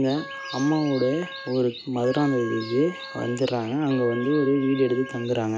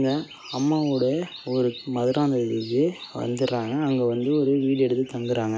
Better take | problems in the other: second | background sound (Wind instrument, woodwind instrument); 15 dB below the speech

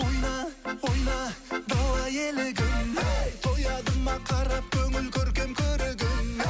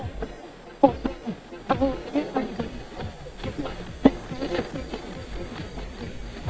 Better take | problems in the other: first | noise reduction (neural mask model DeepFilterNet 3)

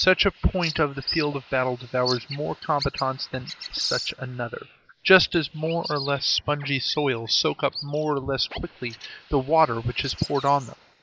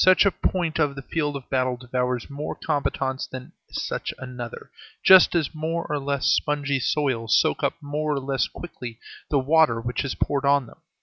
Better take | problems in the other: second | noise reduction (neural mask model Resemble Enhance denoiser)

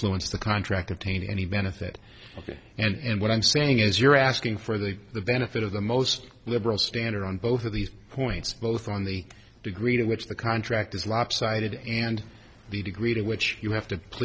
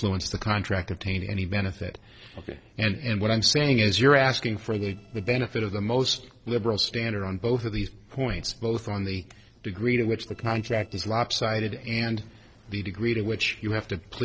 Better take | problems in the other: first | noise reduction (neural separator model SepFormer DNS4)

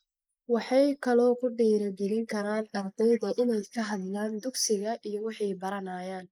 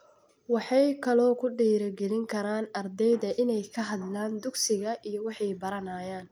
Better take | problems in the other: second | noise reduction (neural mask model Resemble Enhance denoiser)

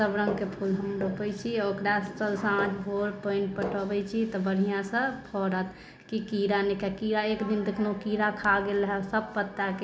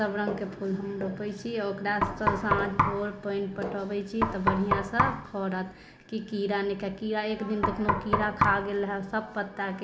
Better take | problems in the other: first | background sound (Knock); as loud as the speech

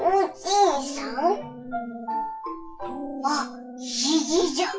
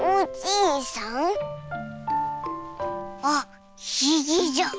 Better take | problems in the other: second | noise reduction (classical method WPE with log-MMSE)

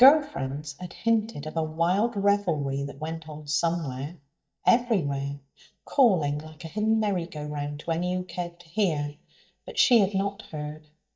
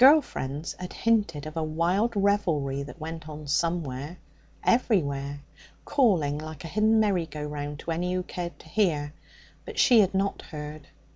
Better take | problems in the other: second | noise reduction (neural mask model DeepFilterNet 3)

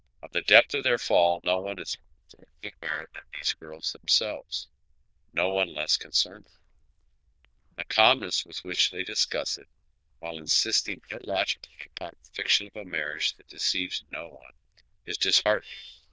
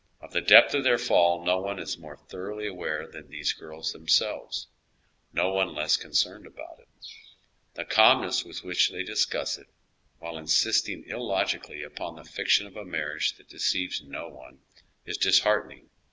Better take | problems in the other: second | noise reduction (neural diffusion model UNIVERSE++)

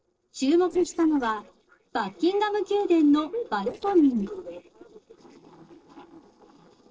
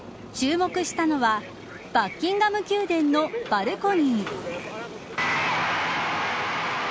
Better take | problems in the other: second | noise reduction (neural separator model SepFormer DNS4)

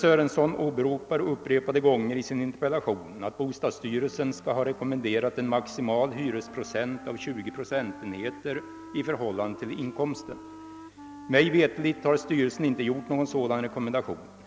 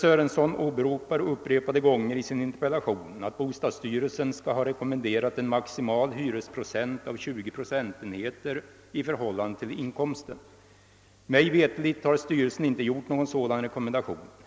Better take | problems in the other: second | background sound (Wind instrument, woodwind instrument); 19 dB below the speech

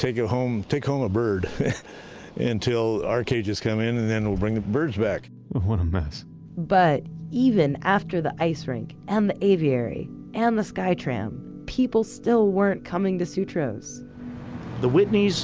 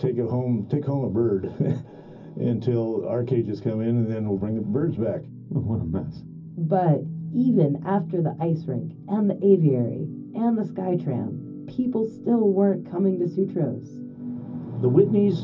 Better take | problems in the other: first | room echo; dies away in 0.4 s

